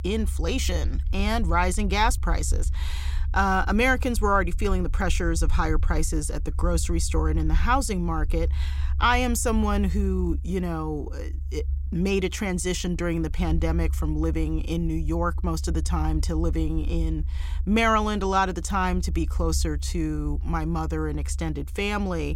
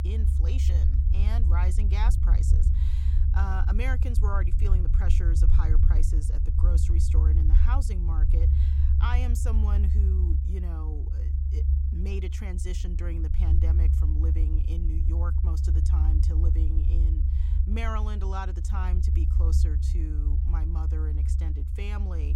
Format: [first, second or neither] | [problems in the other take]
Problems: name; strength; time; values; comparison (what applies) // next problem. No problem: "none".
first | low rumble; loud; throughout; 3 dB below the speech; faint in the first